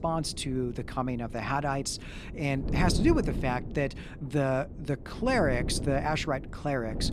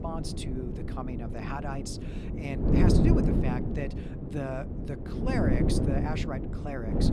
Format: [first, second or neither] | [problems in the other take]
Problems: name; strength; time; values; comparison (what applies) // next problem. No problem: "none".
first | wind noise on the microphone; heavy; 1 dB above the speech; occasional gusts in the first